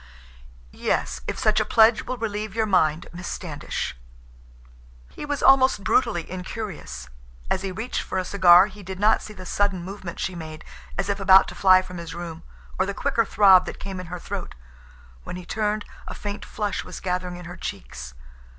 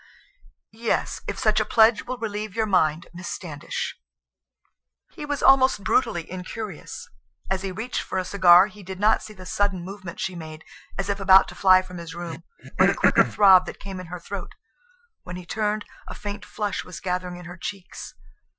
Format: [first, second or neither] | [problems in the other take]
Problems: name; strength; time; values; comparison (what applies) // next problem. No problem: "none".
first | noise reduction (classical method Wiener filter)